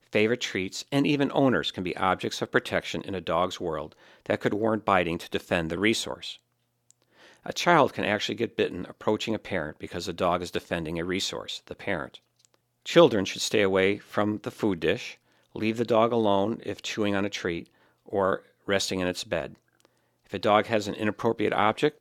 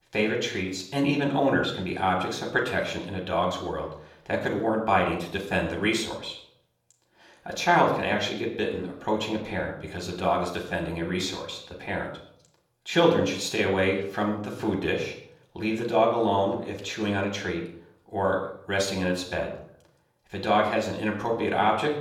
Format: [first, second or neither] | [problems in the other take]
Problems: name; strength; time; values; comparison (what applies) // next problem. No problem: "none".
first | off-mic speech; somewhat distant // room echo; slight; dies away in 0.6 s